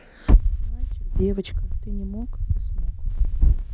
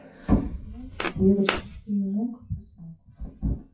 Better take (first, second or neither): first